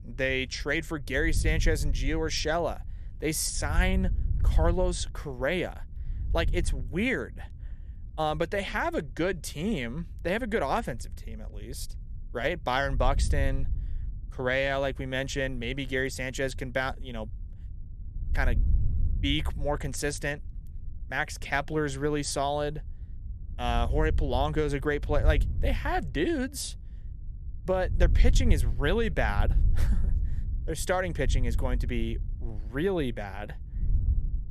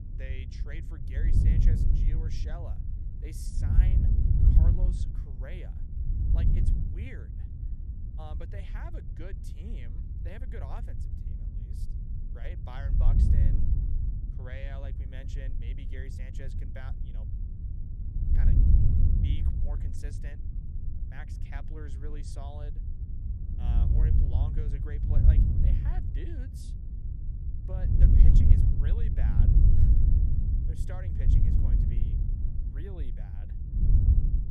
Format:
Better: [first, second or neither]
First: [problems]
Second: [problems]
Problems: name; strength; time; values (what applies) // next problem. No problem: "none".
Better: first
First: wind noise on the microphone; occasional gusts; 20 dB below the speech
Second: wind noise on the microphone; heavy; 3 dB above the speech